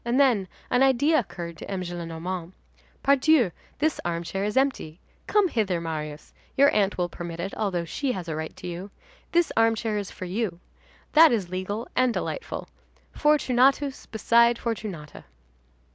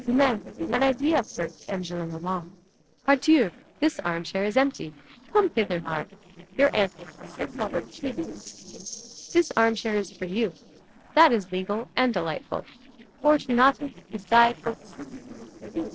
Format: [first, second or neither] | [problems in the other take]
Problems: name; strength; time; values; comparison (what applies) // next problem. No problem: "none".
first | noise reduction (neural separator model SepFormer DNS4)